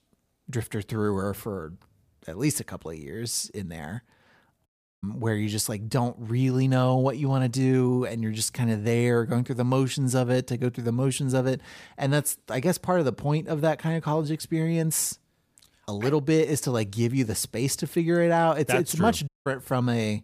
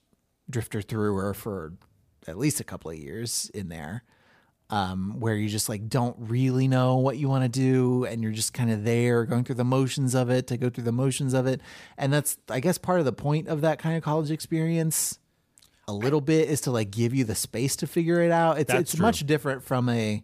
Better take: second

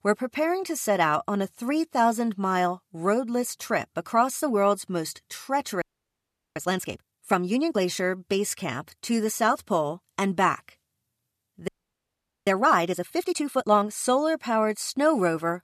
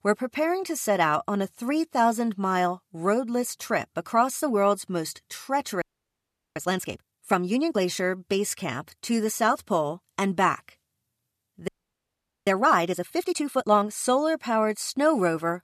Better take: neither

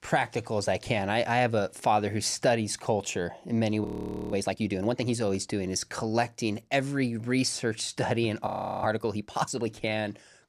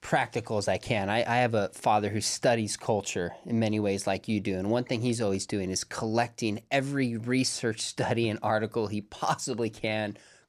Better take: second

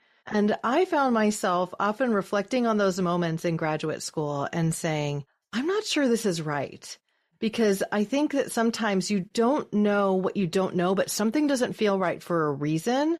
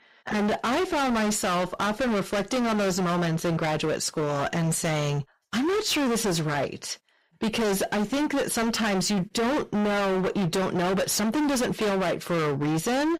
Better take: first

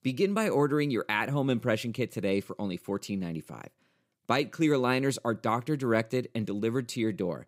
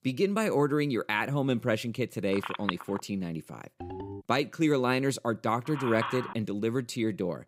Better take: first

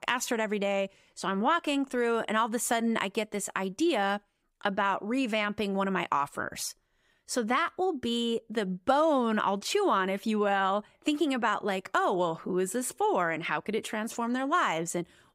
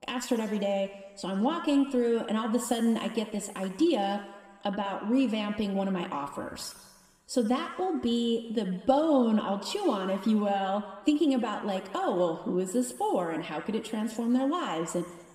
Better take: first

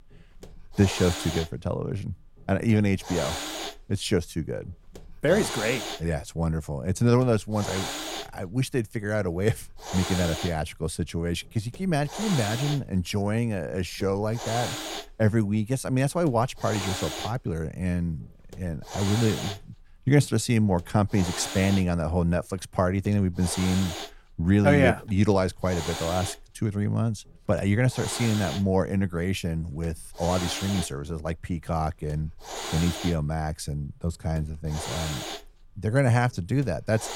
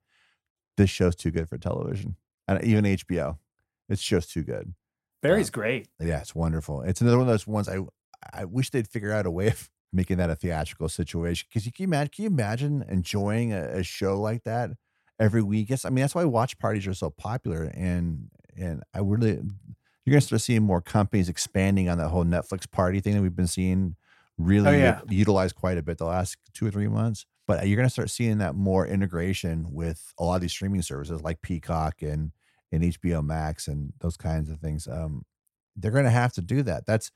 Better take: second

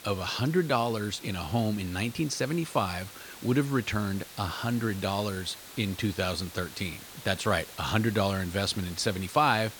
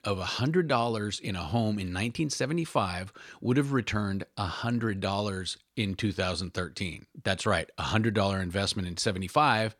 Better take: second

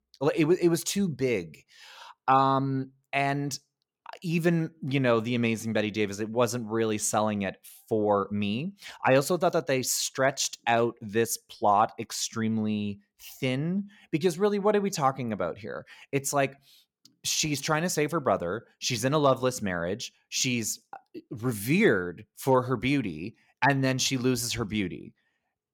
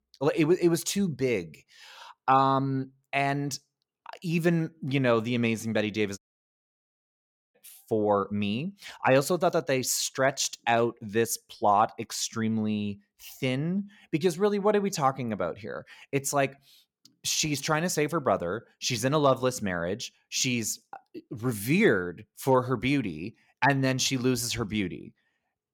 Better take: first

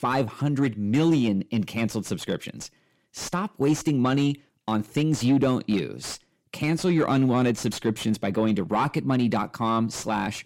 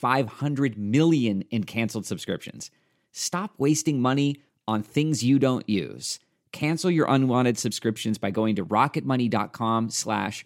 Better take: second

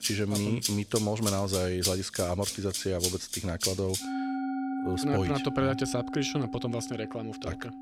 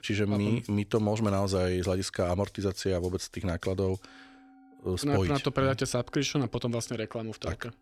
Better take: second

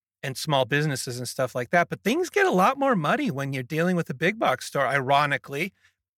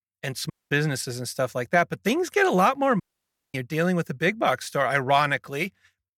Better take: first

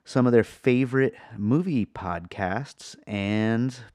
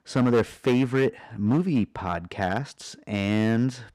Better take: first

